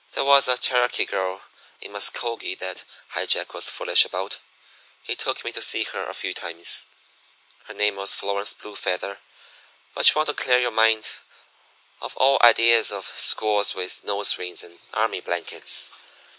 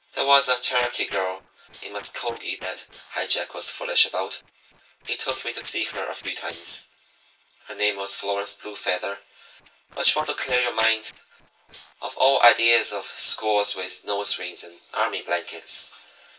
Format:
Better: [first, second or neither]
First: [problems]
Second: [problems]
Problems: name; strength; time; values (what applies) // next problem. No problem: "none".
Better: first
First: none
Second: noise reduction (neural separator model SepFormer DNS4)